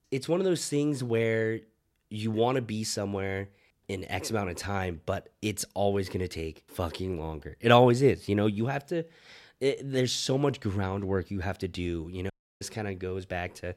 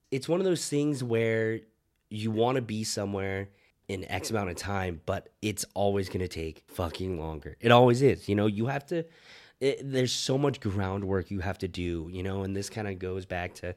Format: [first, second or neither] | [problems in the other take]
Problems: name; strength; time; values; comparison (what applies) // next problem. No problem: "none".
second | audio cutting out; at 12 s